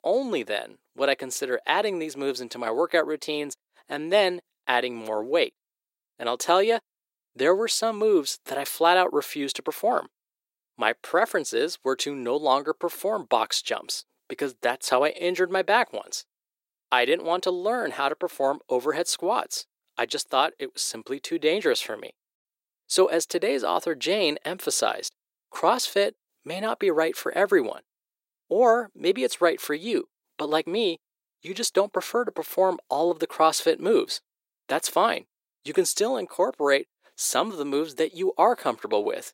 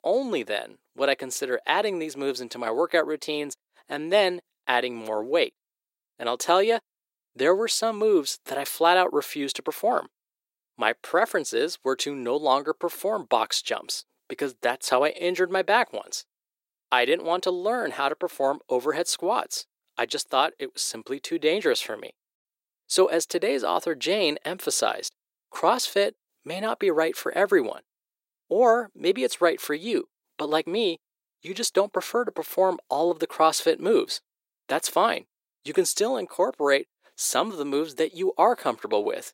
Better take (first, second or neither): neither